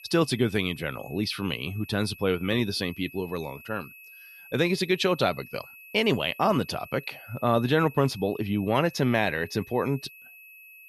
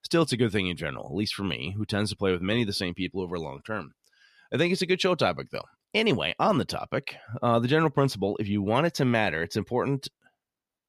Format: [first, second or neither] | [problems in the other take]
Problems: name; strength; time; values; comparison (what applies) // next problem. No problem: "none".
second | high-pitched whine; noticeable; throughout; 2.5 kHz, 20 dB below the speech